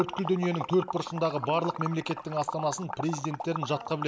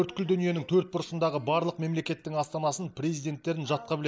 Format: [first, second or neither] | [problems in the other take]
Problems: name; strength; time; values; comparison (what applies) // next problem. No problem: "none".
second | background sound (Liquid); 8 dB below the speech